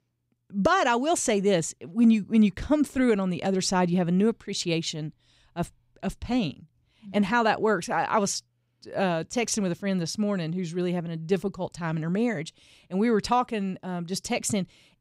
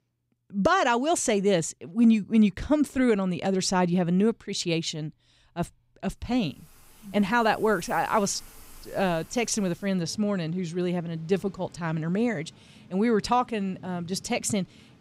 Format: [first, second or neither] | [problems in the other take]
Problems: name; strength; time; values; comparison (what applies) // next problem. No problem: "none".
first | rain or running water; faint; from 6.5 s on; 25 dB below the speech